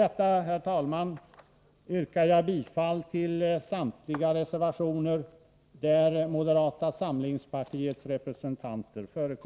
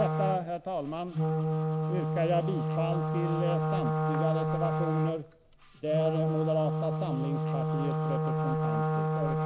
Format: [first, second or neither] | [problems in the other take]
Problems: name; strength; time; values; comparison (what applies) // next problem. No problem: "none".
first | background sound (Wind instrument, woodwind instrument); 4 dB above the speech